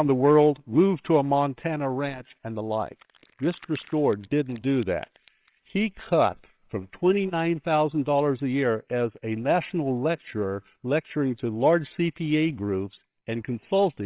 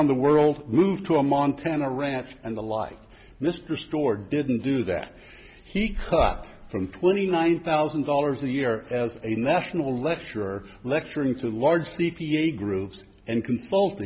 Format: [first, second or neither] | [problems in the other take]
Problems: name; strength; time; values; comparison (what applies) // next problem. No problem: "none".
second | noise reduction (neural separator model SepFormer WHAMR!)